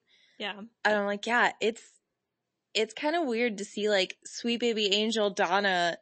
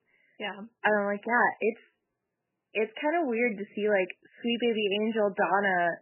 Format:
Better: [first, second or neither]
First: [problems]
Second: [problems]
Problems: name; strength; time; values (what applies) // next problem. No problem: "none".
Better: first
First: garbled, watery; slightly; nothing above 8 kHz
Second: garbled, watery; badly; nothing above 3 kHz